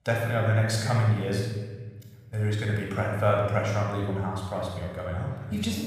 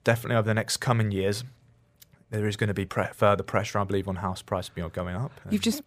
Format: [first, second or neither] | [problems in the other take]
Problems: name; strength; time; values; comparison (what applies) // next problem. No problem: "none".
second | off-mic speech; somewhat distant // room echo; noticeable; dies away in 1.3 s